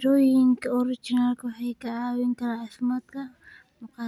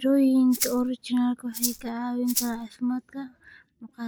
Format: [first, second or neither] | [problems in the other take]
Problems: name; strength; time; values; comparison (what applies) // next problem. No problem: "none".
first | noise reduction (neural mask model Resemble Enhance denoiser)